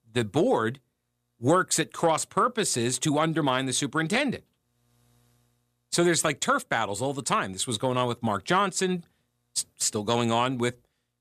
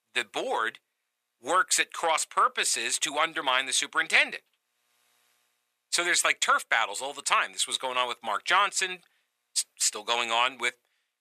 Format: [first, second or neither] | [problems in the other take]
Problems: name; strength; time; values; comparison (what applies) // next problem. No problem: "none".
first | thin; very; fading below 750 Hz